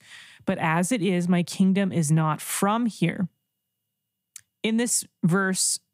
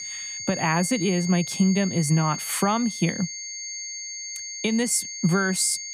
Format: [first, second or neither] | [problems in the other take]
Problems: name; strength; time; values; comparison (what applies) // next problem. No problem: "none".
first | high-pitched whine; loud; throughout; 6.5 kHz, 8 dB below the speech